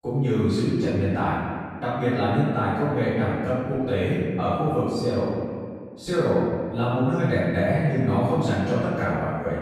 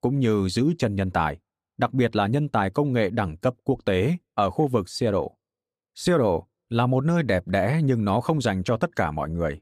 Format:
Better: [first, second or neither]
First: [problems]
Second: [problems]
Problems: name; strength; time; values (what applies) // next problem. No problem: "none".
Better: second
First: off-mic speech; far // room echo; strong; dies away in 1.9 s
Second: none